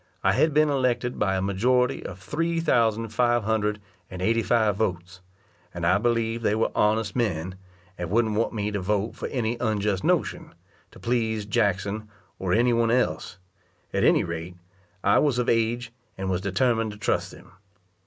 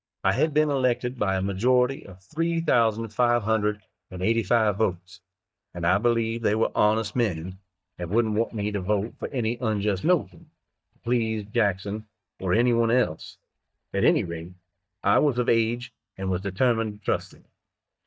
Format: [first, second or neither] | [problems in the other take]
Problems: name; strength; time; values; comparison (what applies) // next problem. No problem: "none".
first | noise reduction (neural mask model DeepFilterNet 3)